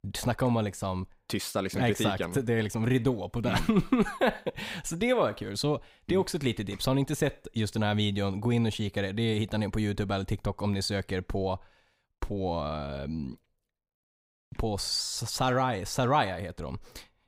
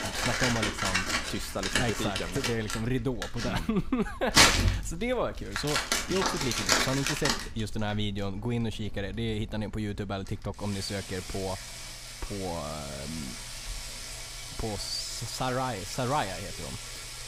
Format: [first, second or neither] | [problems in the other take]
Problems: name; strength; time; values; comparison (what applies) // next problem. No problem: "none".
first | household noises; very loud; throughout; 3 dB above the speech